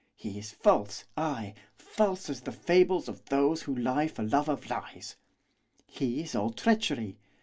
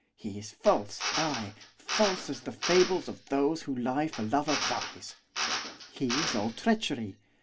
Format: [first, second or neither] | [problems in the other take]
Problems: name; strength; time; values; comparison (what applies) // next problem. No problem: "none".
first | background sound (Drill); 6 dB below the speech